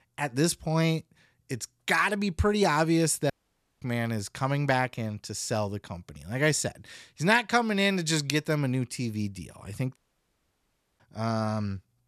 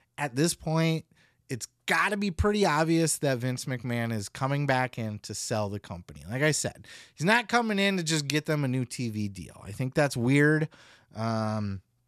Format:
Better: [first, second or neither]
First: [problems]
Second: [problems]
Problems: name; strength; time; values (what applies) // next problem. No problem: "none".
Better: second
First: audio cutting out; at 3.5 s for 0.5 s and at 10 s for 1 s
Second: none